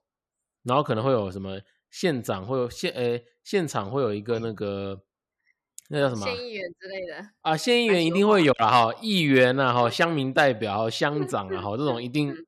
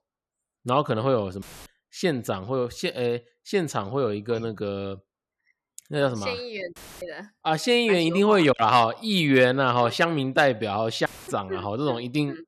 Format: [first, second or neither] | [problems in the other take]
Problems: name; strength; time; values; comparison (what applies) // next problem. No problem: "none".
first | audio cutting out; filled with static; at 1.5 s, at 7 s and at 11 s